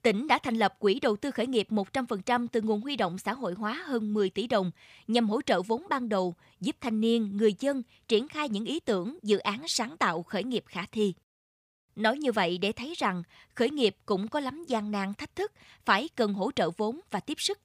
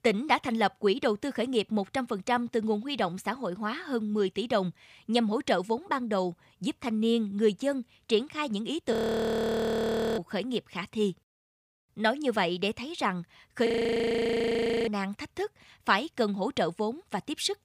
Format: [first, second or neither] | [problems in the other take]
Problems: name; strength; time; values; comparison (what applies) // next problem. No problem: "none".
first | audio freezing; at 9 s for 1.5 s and at 14 s for 1 s